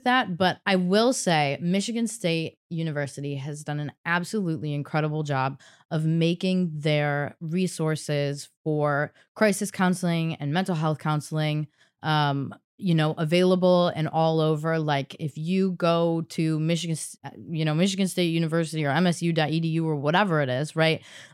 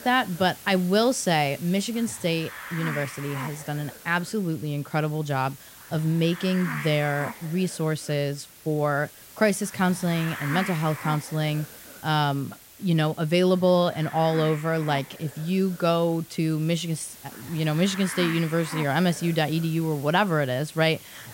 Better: first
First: none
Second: hiss; noticeable; throughout; 15 dB below the speech

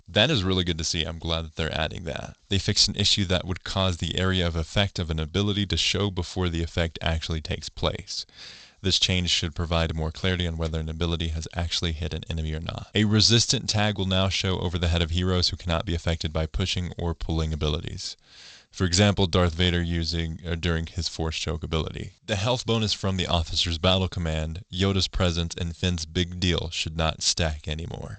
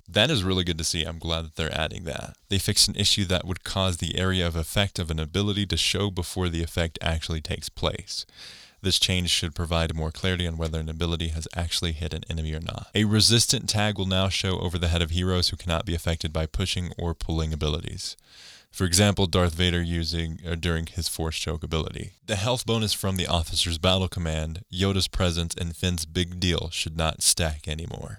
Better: second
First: garbled, watery; slightly; nothing above 8 kHz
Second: none

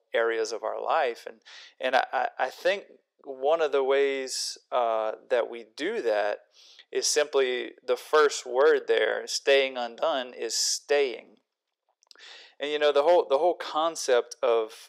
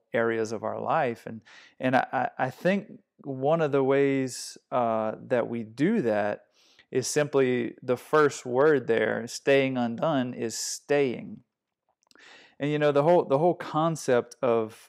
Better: second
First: thin; very; fading below 400 Hz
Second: none

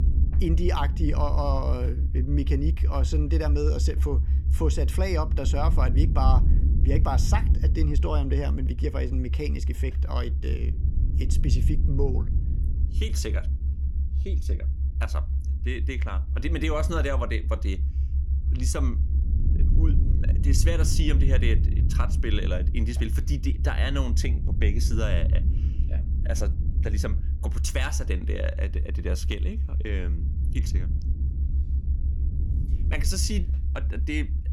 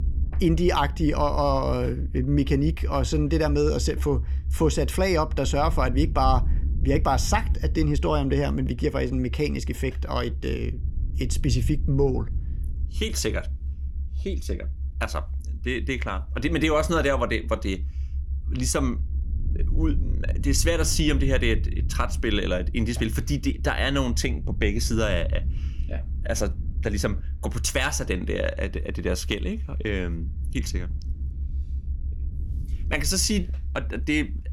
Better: second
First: low rumble; loud; throughout; 10 dB below the speech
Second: low rumble; faint; throughout; 20 dB below the speech

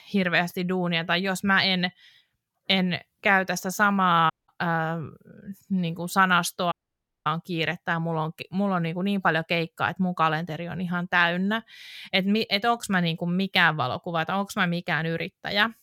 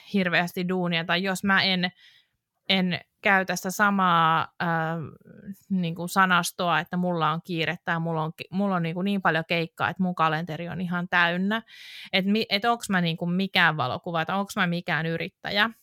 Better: second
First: audio cutting out; at 4.5 s and at 6.5 s for 0.5 s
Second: none

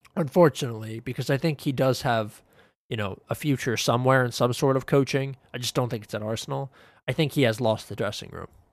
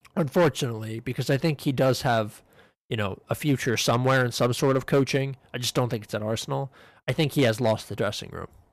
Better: first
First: none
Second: distortion; slight; 4% of the sound clipped

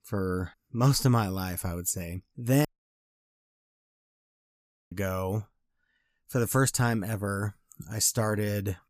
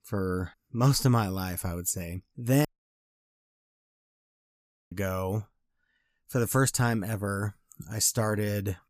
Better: neither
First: audio cutting out; at 2.5 s for 2.5 s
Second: audio cutting out; at 2.5 s for 2.5 s

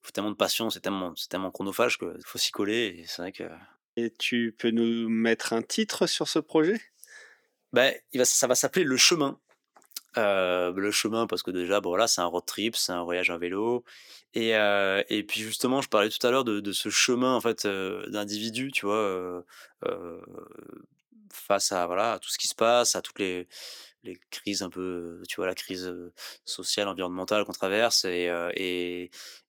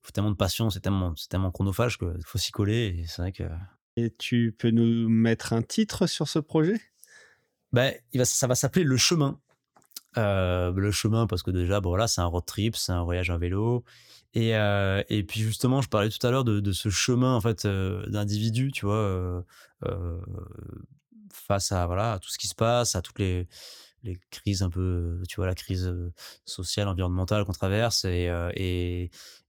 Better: second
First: thin; somewhat; fading below 300 Hz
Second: none

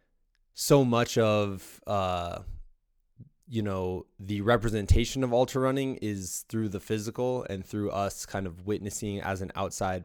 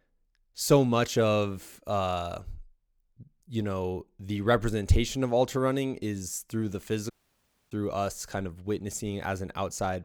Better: first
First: none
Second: audio cutting out; at 7 s for 0.5 s

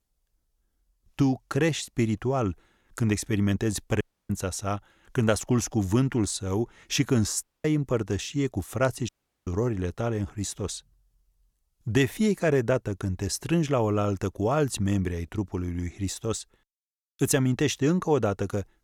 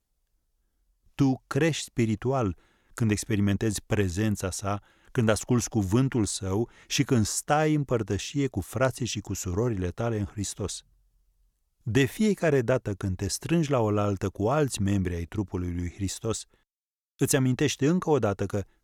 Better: second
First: audio cutting out; at 4 s, at 7.5 s and at 9 s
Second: none

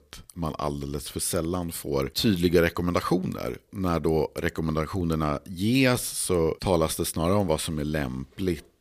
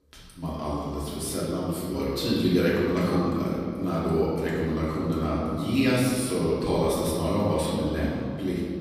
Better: first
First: none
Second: room echo; strong; dies away in 2.6 s // off-mic speech; far

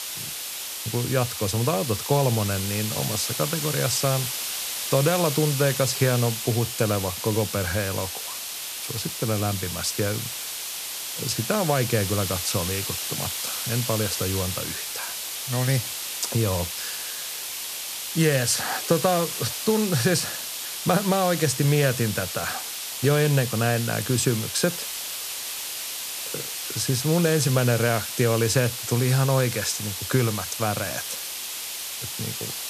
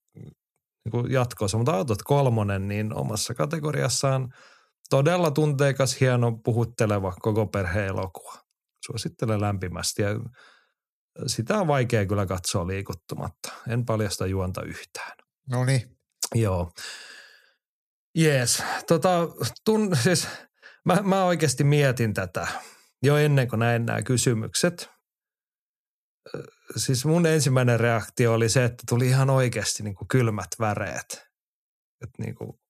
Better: second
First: hiss; loud; throughout; 4 dB below the speech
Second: none

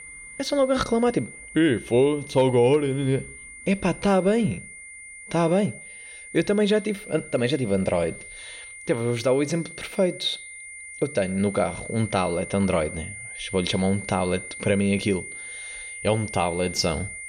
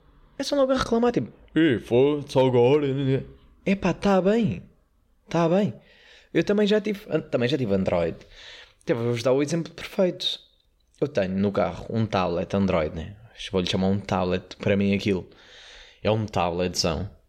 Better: second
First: high-pitched whine; noticeable; throughout; 2 kHz, 15 dB below the speech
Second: none

